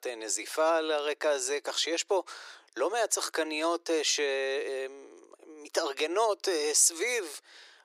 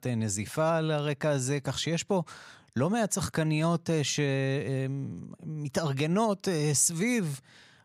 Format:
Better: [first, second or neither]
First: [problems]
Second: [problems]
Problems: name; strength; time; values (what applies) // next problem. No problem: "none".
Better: second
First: thin; very; fading below 350 Hz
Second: none